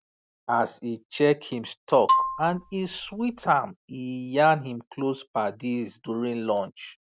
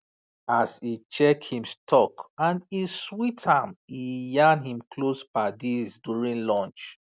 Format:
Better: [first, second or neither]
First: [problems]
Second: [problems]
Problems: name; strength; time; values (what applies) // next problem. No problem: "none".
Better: second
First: background sound (Marimba, xylophone); 2 dB below the speech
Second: none